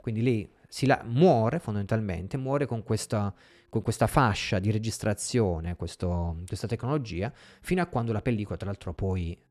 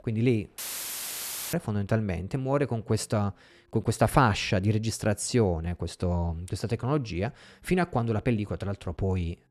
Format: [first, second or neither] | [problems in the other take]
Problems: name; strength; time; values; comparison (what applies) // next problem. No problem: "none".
first | audio cutting out; filled with static; at 0.5 s for 1 s